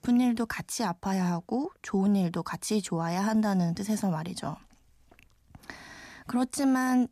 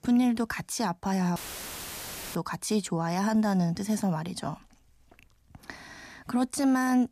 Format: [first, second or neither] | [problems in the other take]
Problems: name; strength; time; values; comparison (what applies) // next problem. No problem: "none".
first | audio cutting out; filled with static; at 1.5 s for 1 s